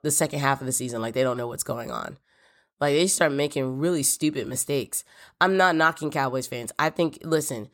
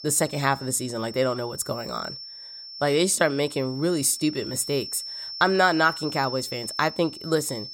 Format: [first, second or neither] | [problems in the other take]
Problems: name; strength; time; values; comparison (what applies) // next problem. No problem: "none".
first | high-pitched whine; noticeable; throughout; 5.5 kHz, 10 dB below the speech